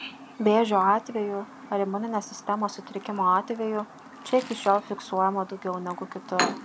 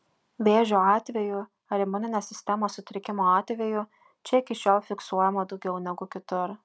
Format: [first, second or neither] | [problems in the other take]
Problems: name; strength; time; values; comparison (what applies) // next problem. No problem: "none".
second | background sound (Chirp, tweet); 12 dB below the speech